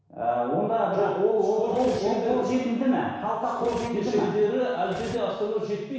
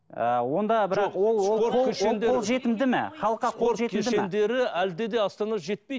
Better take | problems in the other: second | background sound (Cutlery, silverware); 20 dB below the speech // room echo; dies away in 1.1 s

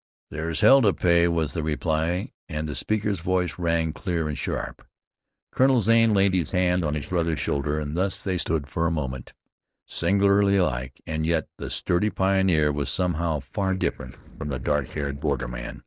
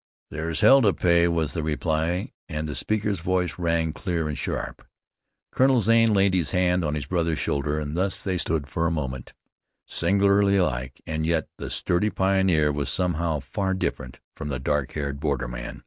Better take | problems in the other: second | noise reduction (neural separator model SepFormer DNS4)

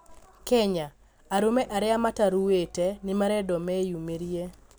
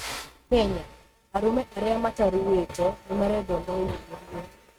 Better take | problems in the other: first | noise reduction (neural mask model RNNoise)

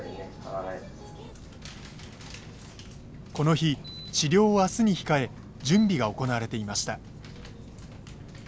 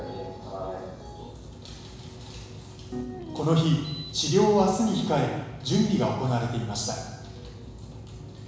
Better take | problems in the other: first | background sound (Piano); 8 dB below the speech // room echo; dies away in 1 s

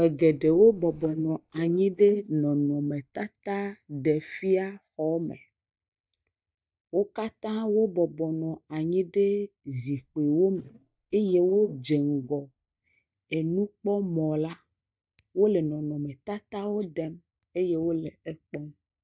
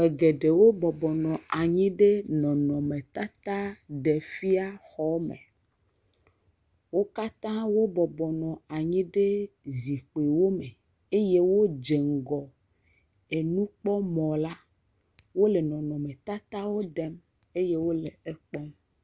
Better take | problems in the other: second | noise reduction (neural mask model DeepFilterNet 3)

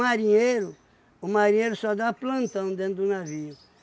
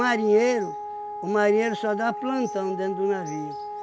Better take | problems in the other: first | background sound (Wind instrument, woodwind instrument); 9 dB below the speech

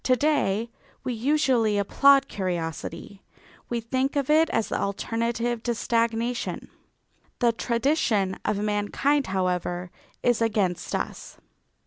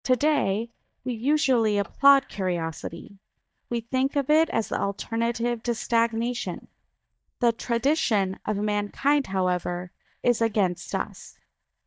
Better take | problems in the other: first | noise reduction (neural mask model DeepFilterNet 3)

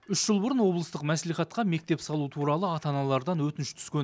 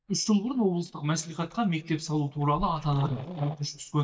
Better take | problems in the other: first | noise reduction (neural mask model DeepFilterNet 3)

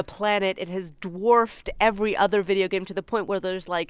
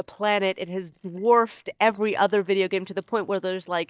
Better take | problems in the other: first | noise reduction (neural mask model DeepFilterNet 3)

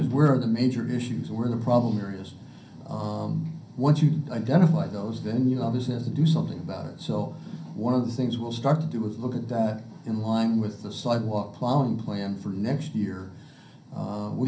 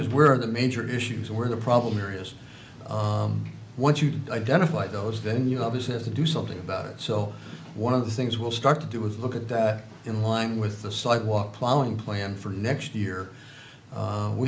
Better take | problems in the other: second | room echo; dies away in 0.3 s

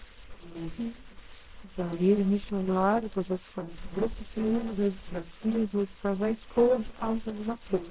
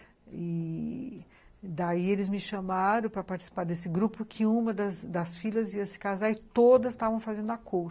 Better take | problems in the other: second | noise reduction (neural separator model SepFormer WHAMR!)

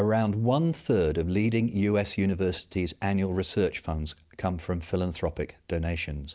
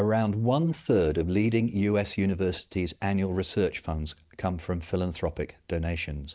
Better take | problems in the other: first | noise reduction (neural mask model Resemble Enhance denoiser)

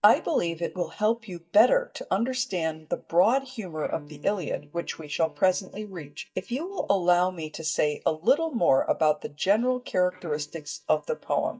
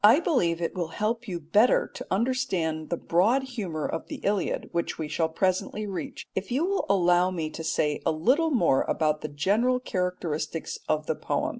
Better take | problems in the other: second | noise reduction (neural mask model DeepFilterNet 3)

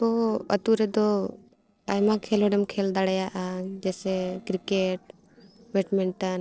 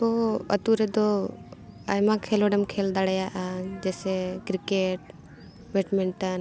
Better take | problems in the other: second | noise reduction (neural separator model SepFormer DNS4)

